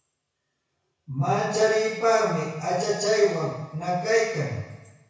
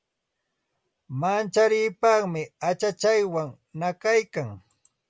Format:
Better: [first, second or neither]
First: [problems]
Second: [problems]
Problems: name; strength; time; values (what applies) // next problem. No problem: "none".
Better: second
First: room echo; dies away in 1.1 s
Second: none